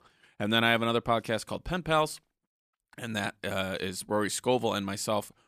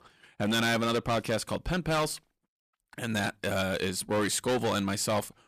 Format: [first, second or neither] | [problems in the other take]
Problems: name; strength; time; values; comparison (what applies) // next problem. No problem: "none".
first | distortion; heavy; 11% of the sound clipped